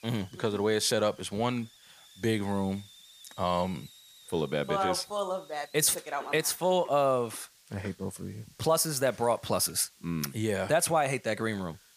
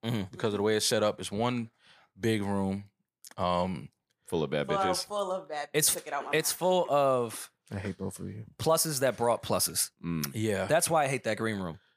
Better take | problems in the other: second | hiss; faint; throughout; 25 dB below the speech

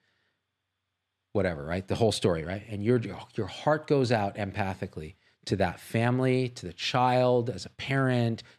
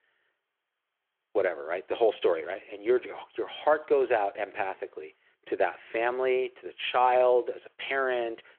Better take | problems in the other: first | phone-call audio

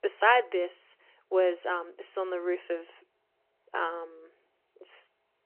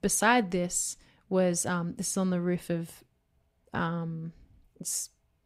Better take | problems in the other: second | phone-call audio; nothing above 3 kHz

